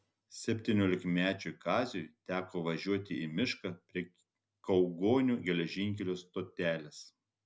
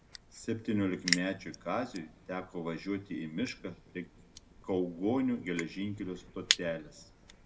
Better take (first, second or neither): first